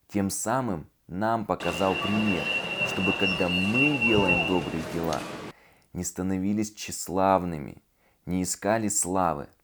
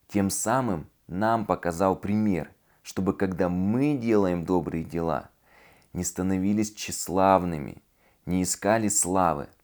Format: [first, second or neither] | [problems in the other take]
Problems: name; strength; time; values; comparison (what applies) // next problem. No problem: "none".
second | alarm; loud; from 1.5 to 5.5 s; peak 6 dB above the speech